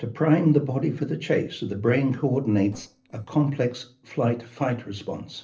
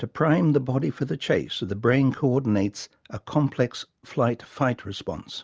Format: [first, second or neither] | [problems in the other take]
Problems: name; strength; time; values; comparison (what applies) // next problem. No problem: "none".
second | noise reduction (neural separator model SepFormer DNS4)